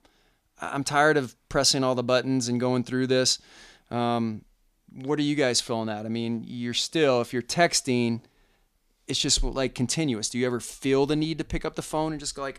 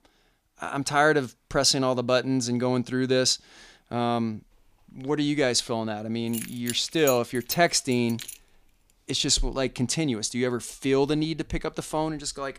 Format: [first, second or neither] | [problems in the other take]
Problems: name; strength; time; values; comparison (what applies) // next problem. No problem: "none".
first | jangling keys; noticeable; from 6.5 to 8.5 s; peak 8 dB below the speech